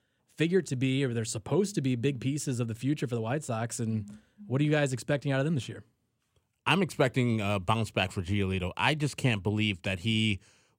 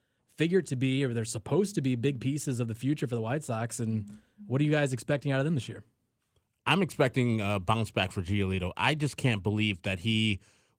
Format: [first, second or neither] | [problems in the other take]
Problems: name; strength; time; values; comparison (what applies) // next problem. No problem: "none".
first | garbled, watery; slightly; nothing above 15.5 kHz